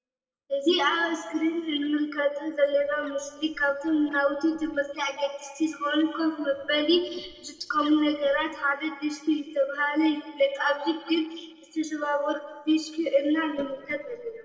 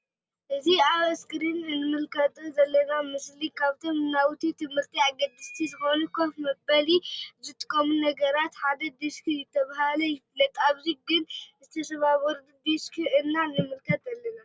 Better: second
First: noise reduction (neural separator model SepFormer DNS4)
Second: none

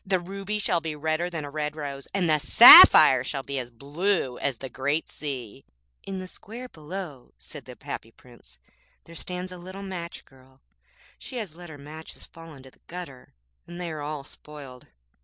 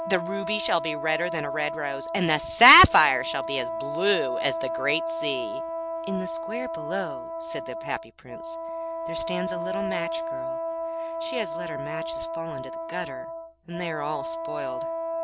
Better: first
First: none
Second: background sound (Wind instrument, woodwind instrument); 5 dB below the speech

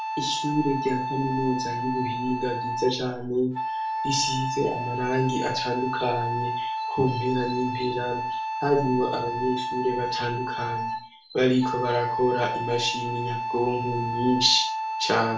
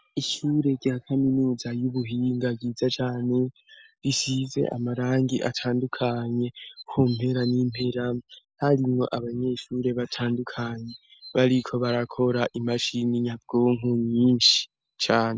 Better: second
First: background sound (Wind instrument, woodwind instrument); 3 dB below the speech // room echo; dies away in 0.4 s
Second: none

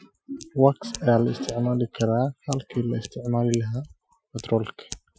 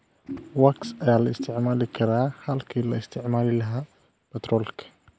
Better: second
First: noise reduction (classical method Wiener filter)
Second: none

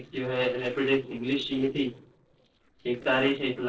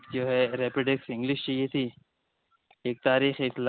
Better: second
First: noise reduction (neural separator model SepFormer DNS4)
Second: none

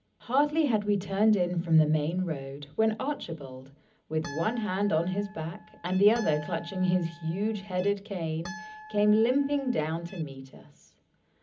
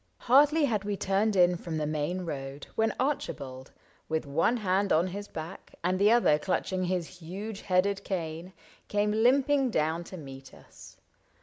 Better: second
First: background sound (Harp); 17 dB below the speech // room echo; dies away in 0.4 s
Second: none

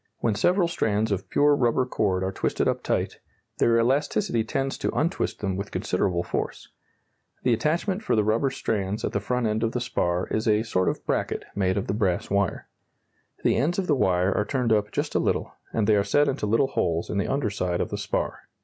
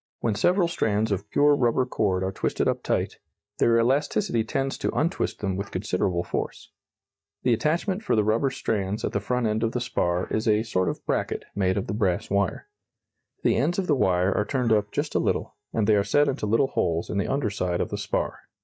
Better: first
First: none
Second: noise reduction (neural mask model DeepFilterNet 3)

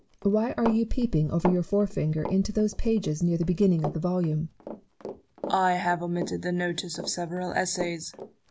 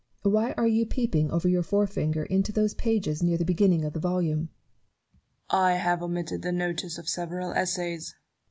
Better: second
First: background sound (Run); 13 dB below the speech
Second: none

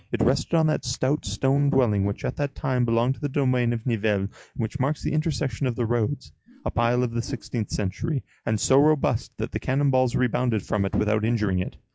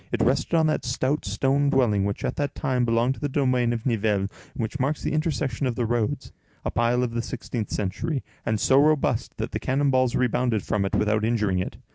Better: second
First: noise reduction (classical method log-MMSE)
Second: none

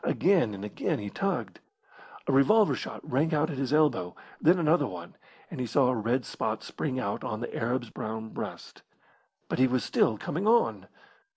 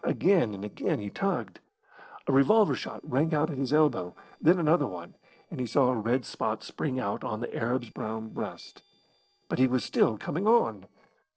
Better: first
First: none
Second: noise reduction (neural separator model SepFormer DNS4)

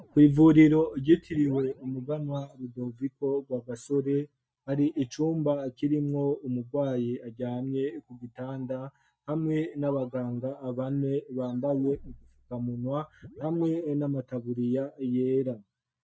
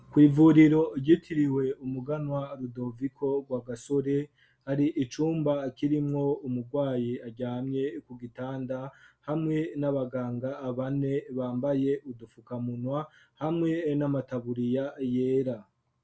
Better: second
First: noise reduction (neural mask model DeepFilterNet 3)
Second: none

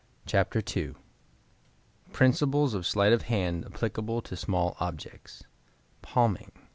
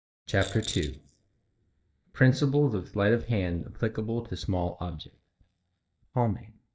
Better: first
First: none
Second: noise reduction (neural mask model DeepFilterNet 3)

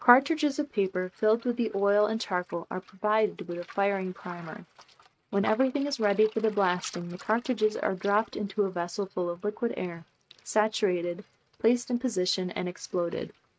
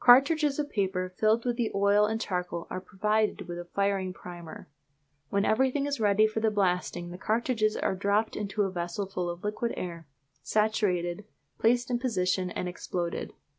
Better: second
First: noise reduction (neural mask model RNNoise)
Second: none

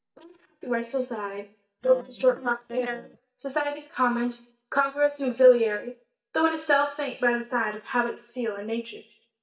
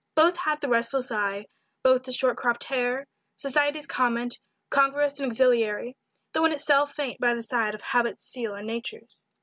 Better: second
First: noise reduction (neural mask model DeepFilterNet 3)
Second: none

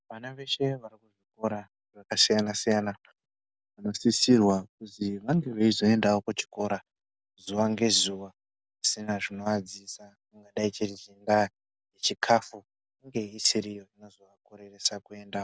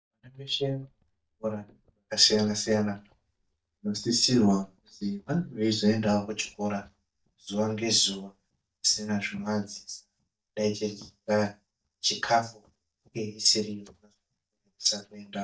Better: first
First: none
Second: noise reduction (neural mask model DeepFilterNet 3)

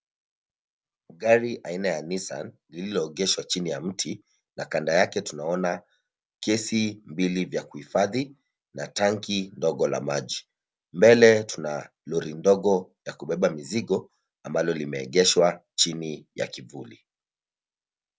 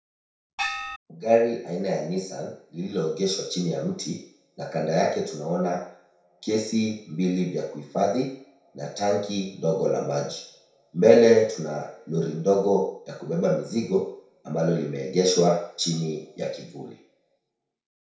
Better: first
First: none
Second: background sound (Gong); 4 dB below the speech // room echo; dies away in 0.6 s

